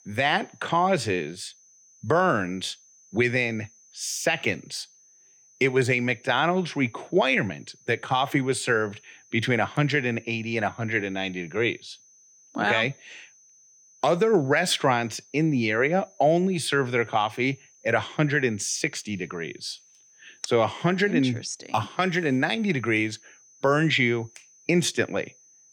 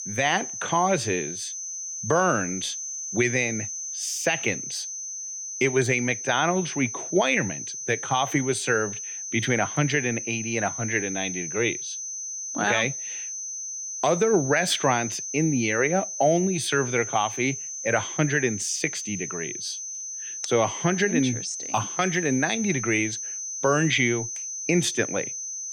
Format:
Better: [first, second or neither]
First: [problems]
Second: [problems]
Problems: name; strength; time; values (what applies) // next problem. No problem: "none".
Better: first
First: high-pitched whine; faint; throughout; 6 kHz, 30 dB below the speech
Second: high-pitched whine; loud; throughout; 6 kHz, 6 dB below the speech